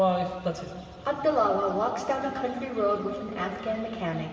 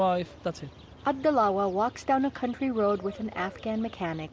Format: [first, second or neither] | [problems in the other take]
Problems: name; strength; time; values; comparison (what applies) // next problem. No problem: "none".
second | room echo; dies away in 2.9 s